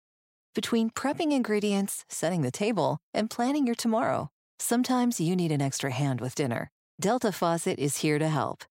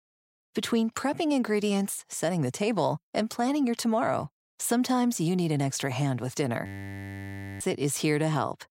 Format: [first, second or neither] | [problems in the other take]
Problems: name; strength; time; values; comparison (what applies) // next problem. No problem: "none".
first | audio freezing; at 6.5 s for 1 s